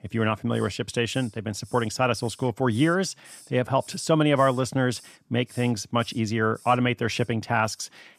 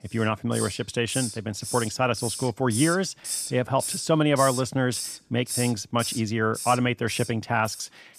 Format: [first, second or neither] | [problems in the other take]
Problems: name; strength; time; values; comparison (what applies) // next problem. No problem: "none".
first | hiss; loud; throughout; 7 dB below the speech; faint in the first